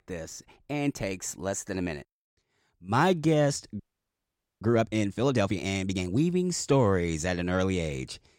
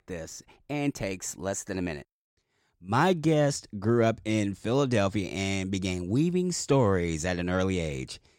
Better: second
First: audio freezing; at 4 s for 1 s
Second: none

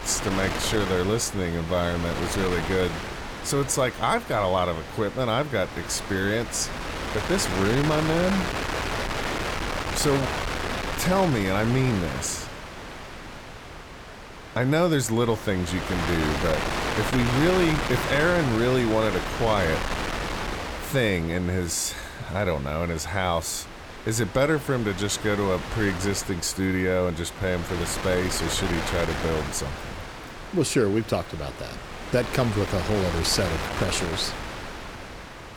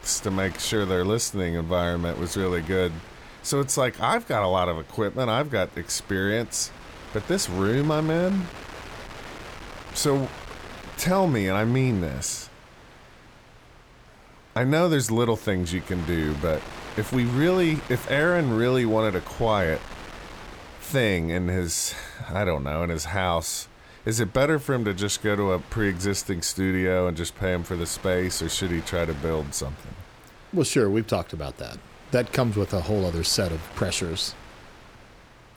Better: second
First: wind noise on the microphone; heavy; 4 dB below the speech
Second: wind noise on the microphone; occasional gusts; 15 dB below the speech

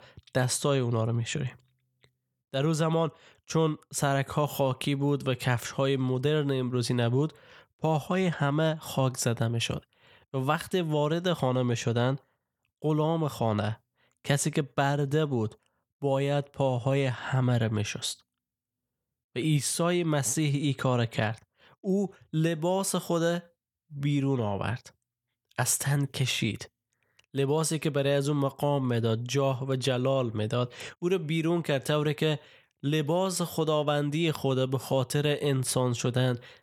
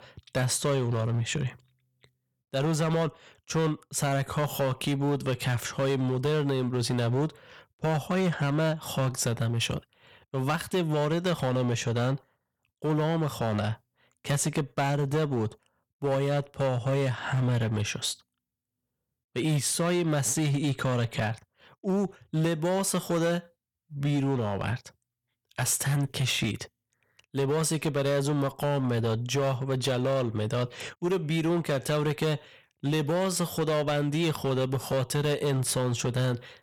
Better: first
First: none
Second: distortion; slight; 11% of the sound clipped

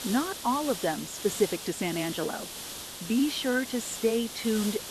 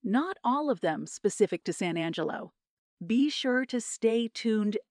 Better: second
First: hiss; loud; throughout; 7 dB below the speech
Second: none

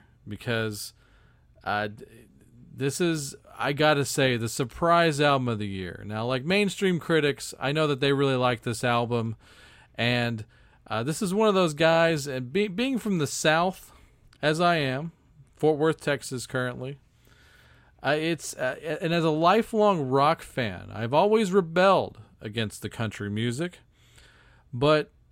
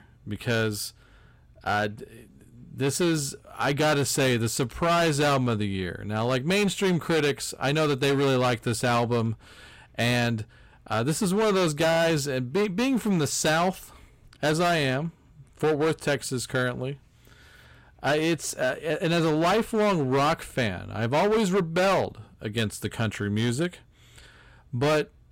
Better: first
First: none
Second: distortion; heavy; 12% of the sound clipped

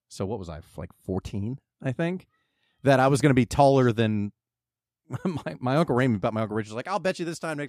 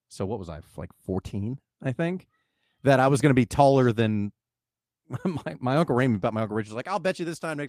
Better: first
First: none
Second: garbled, watery; slightly; nothing above 14.5 kHz

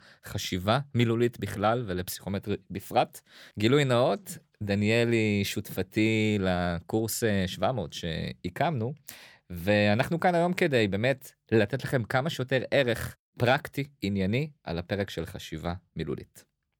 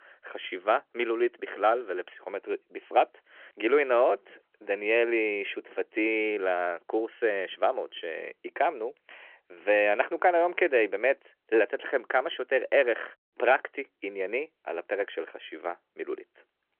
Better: first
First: none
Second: phone-call audio

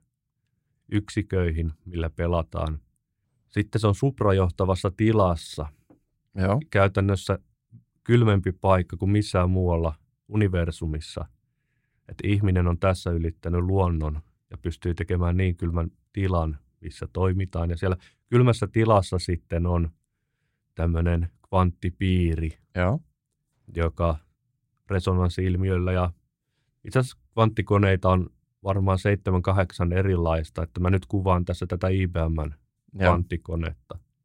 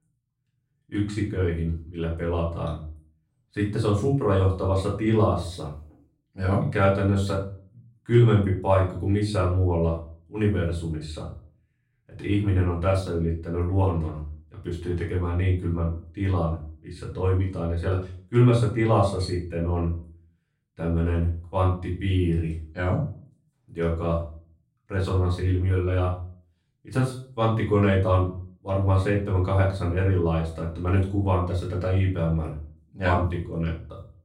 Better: first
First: none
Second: room echo; noticeable; dies away in 0.4 s // off-mic speech; far

